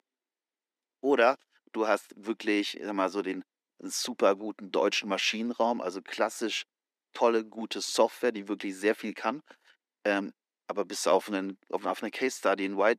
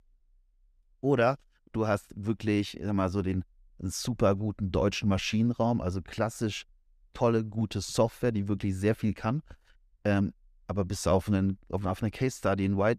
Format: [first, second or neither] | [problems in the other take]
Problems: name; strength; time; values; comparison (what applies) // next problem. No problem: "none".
second | thin; somewhat; fading below 250 Hz